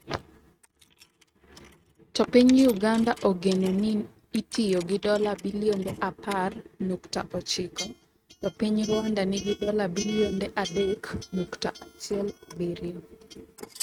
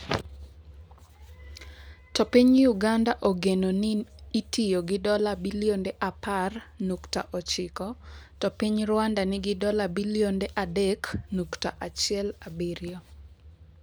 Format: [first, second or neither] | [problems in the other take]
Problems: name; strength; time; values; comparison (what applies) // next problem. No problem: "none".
second | noise reduction (neural mask model RNNoise)